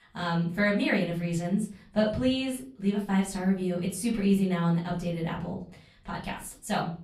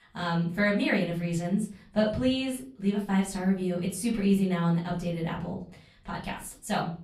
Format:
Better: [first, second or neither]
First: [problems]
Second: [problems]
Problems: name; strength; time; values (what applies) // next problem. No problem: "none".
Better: neither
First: room echo; slight; dies away in 0.4 s // off-mic speech; far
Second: room echo; slight; dies away in 0.4 s // off-mic speech; far